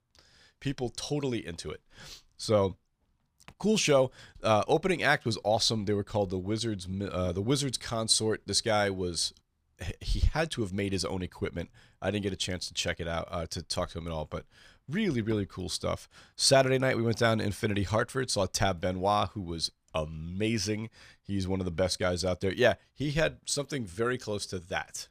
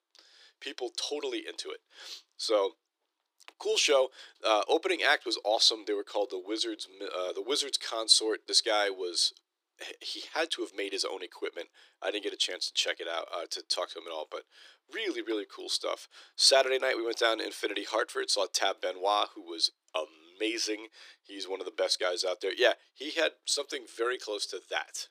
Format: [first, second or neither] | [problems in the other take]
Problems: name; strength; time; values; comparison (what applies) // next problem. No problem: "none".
first | thin; very; fading below 300 Hz